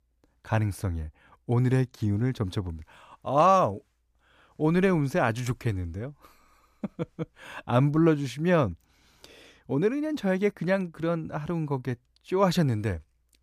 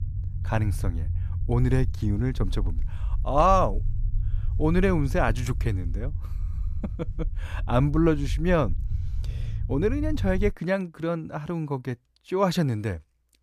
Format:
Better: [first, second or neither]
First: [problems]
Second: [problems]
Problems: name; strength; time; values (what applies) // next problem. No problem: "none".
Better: first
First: none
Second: low rumble; faint; until 11 s; 20 dB below the speech